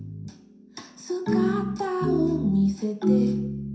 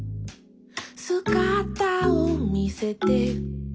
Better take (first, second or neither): second